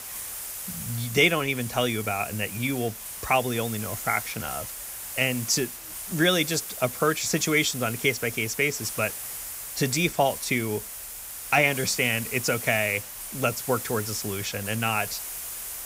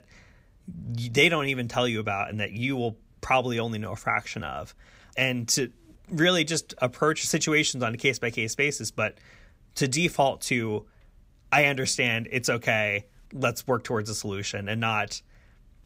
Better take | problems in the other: second | hiss; loud; throughout; 8 dB below the speech

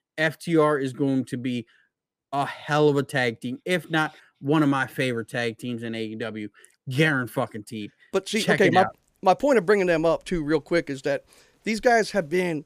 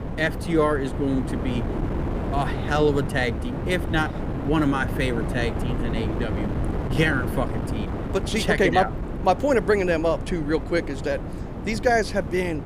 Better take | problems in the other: first | wind noise on the microphone; heavy; 10 dB below the speech

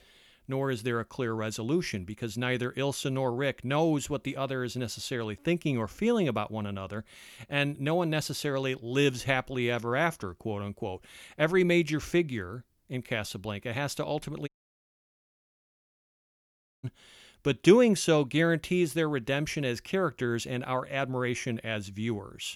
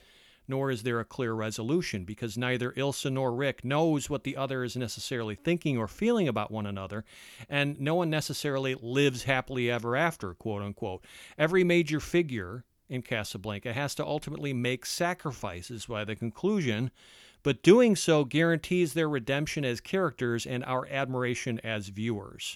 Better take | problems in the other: second | audio cutting out; at 14 s for 2.5 s

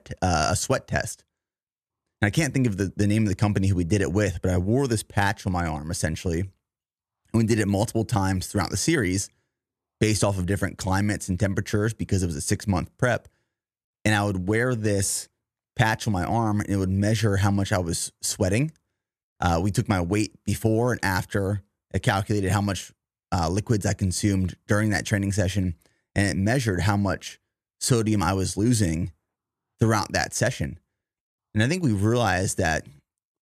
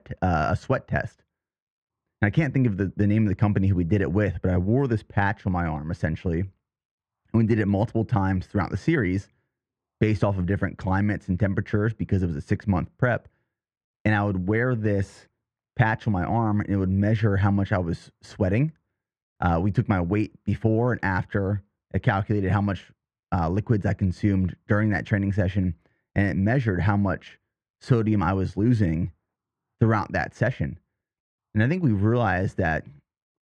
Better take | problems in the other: first | muffled; very; fading above 2 kHz

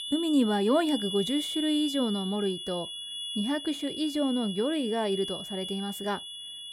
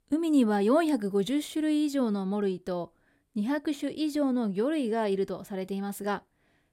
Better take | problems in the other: second | high-pitched whine; loud; throughout; 3.5 kHz, 6 dB below the speech

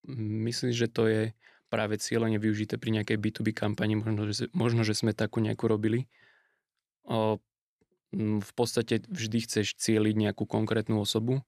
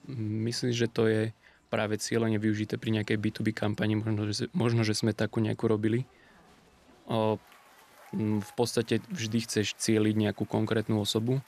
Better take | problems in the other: first | crowd noise; faint; throughout; 30 dB below the speech

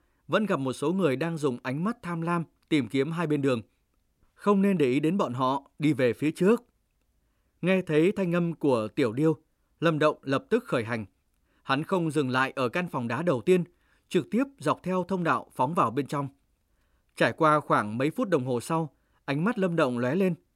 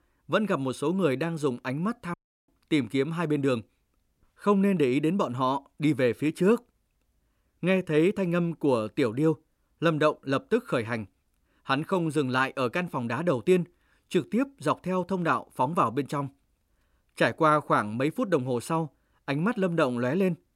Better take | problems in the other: first | audio cutting out; at 2 s

